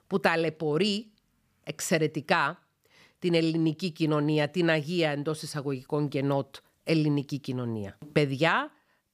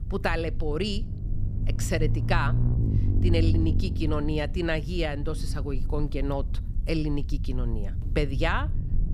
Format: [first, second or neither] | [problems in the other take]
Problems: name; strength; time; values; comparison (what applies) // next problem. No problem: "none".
first | low rumble; noticeable; throughout; 10 dB below the speech